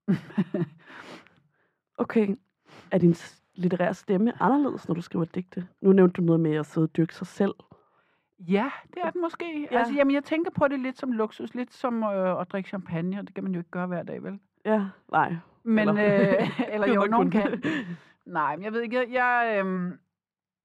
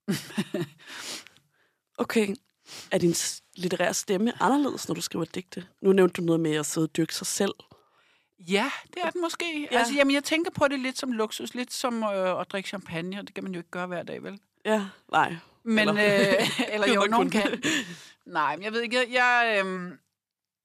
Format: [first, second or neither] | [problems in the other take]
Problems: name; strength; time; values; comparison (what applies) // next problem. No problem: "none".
second | muffled; very; fading above 3 kHz